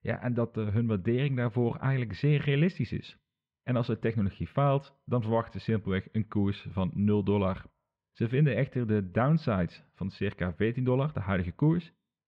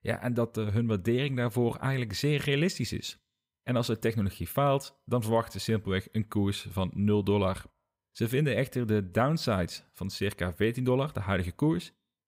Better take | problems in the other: second | muffled; slightly; fading above 3 kHz

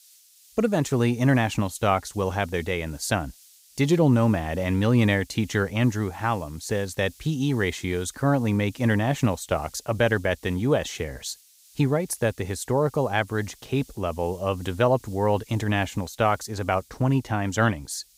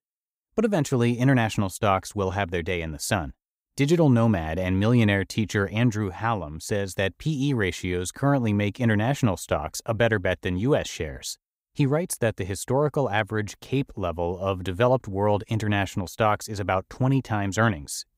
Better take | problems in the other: second | hiss; faint; throughout; 25 dB below the speech

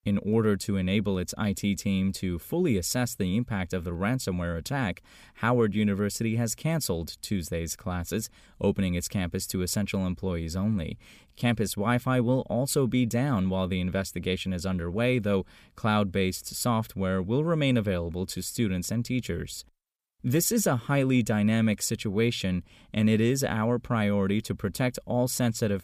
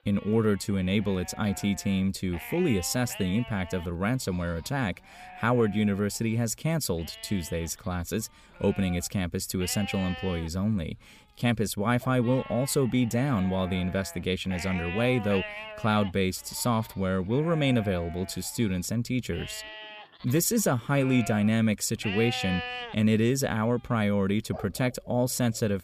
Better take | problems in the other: first | animal sounds; noticeable; throughout; 15 dB below the speech

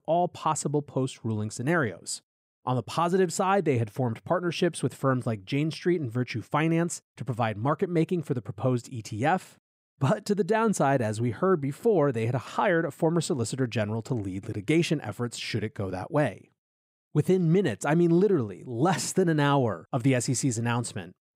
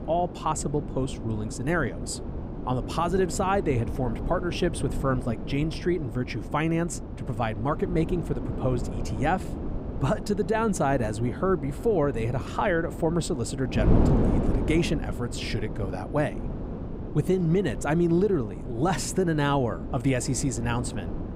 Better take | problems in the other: first | wind noise on the microphone; heavy; 10 dB below the speech

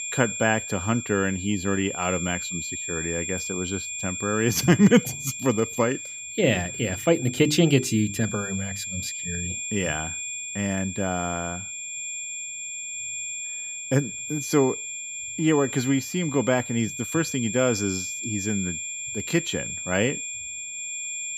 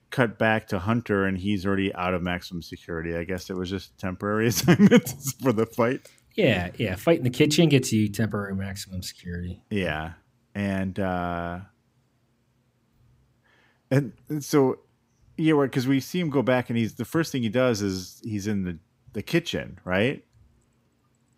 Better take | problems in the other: second | high-pitched whine; loud; throughout; 7.5 kHz, 6 dB below the speech

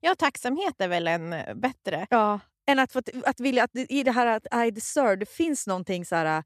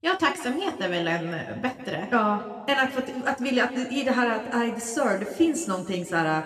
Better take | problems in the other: first | room echo; slight; dies away in 1.6 s

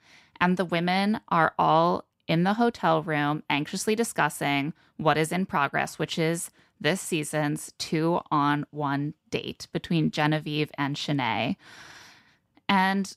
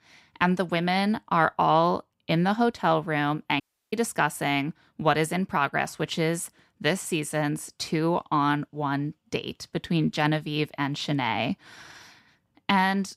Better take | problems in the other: first | audio cutting out; at 3.5 s

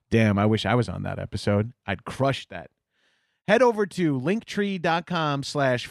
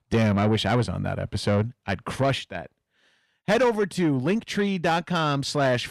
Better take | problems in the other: first | distortion; slight; 10 dB below the speech

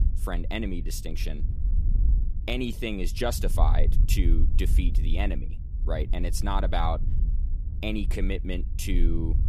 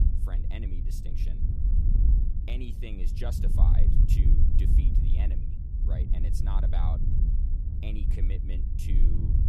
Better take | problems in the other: first | wind noise on the microphone; heavy; as loud as the speech; occasional gusts in the first

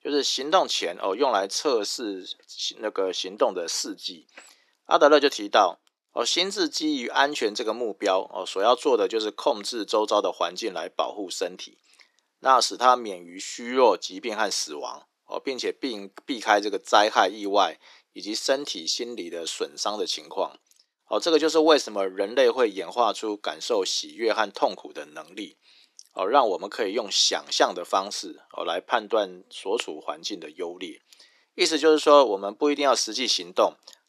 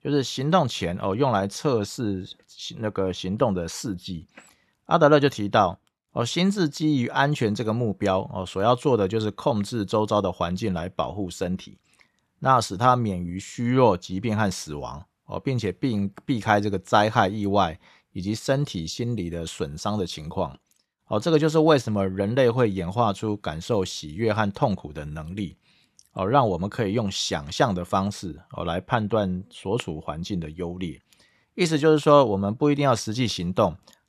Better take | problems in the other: second | thin; somewhat; fading below 300 Hz

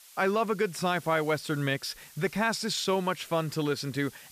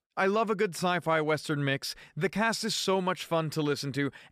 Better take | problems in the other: second | hiss; faint; throughout; 20 dB below the speech

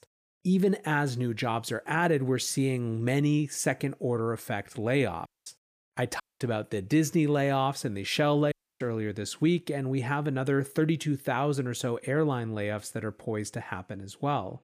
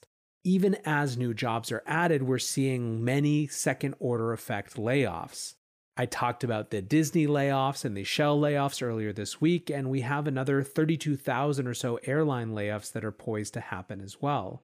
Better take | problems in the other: second | audio cutting out; at 5.5 s, at 6 s and at 8.5 s

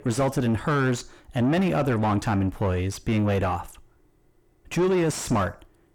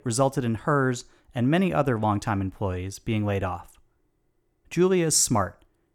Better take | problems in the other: second | distortion; heavy; 6 dB below the speech

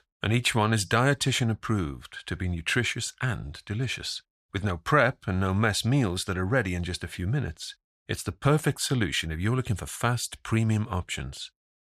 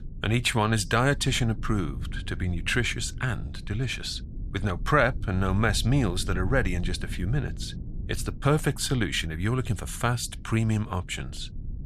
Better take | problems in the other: first | low rumble; faint; throughout; 20 dB below the speech

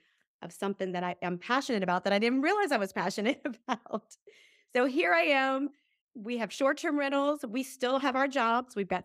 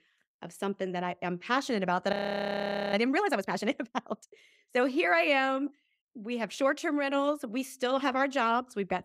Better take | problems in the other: first | audio freezing; at 2 s for 1 s

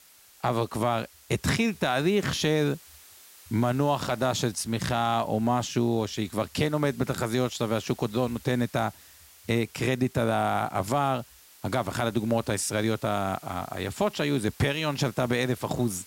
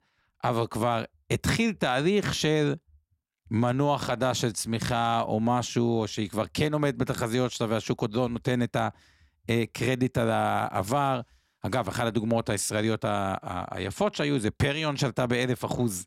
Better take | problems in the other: second | hiss; faint; throughout; 20 dB below the speech

